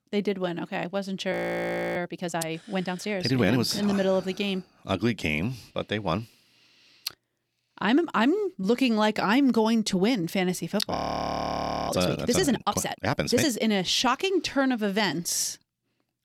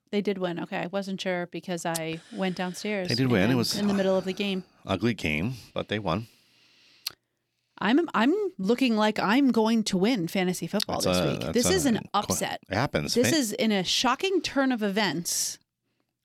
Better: second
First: audio freezing; at 1.5 s for 0.5 s and at 11 s for 1 s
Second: none

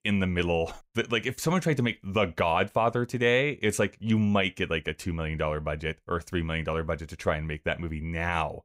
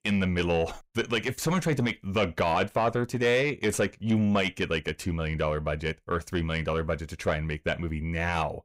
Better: first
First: none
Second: distortion; slight; 10 dB below the speech

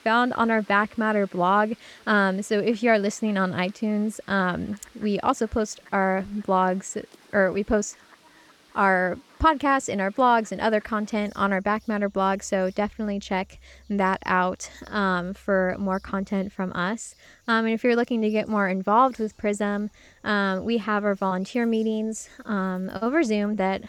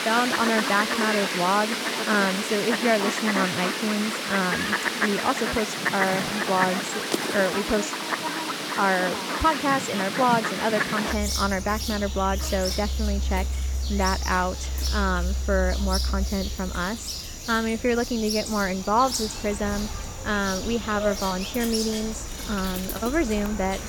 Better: first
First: animal sounds; faint; throughout; 30 dB below the speech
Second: animal sounds; loud; throughout; 2 dB below the speech

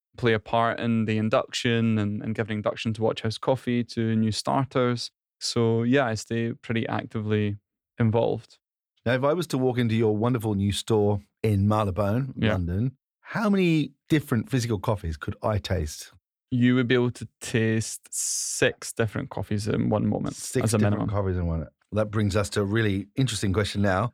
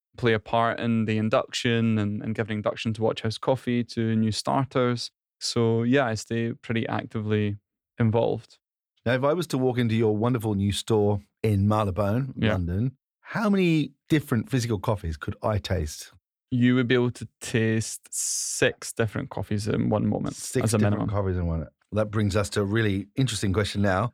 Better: neither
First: none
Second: none

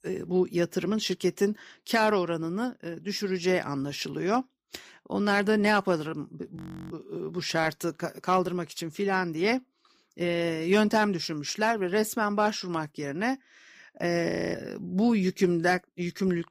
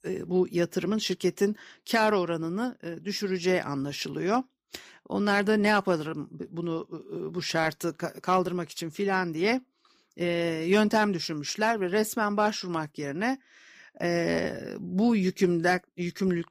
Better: second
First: audio freezing; at 6.5 s and at 14 s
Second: none

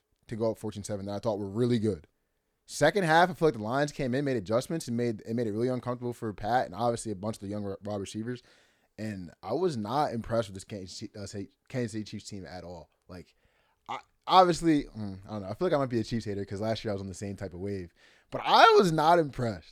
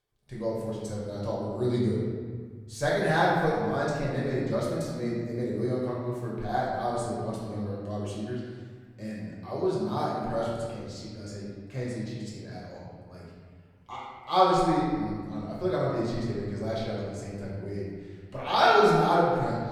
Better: first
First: none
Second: room echo; noticeable; dies away in 1.7 s // off-mic speech; far

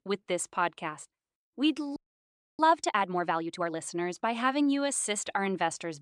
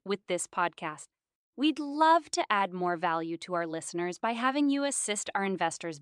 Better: second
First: audio freezing; at 2 s for 0.5 s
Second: none

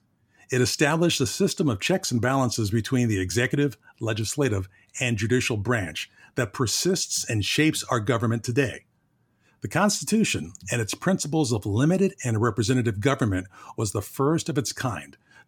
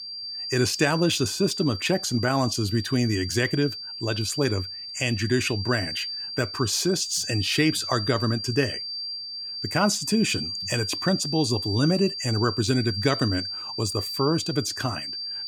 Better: first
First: none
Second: high-pitched whine; loud; throughout; 4.5 kHz, 6 dB below the speech

